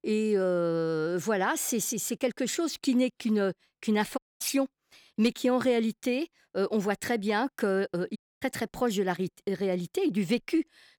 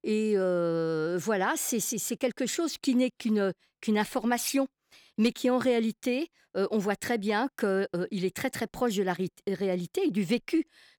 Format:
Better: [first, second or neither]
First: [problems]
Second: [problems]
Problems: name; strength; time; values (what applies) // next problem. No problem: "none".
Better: second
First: audio cutting out; at 4 s and at 8 s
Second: none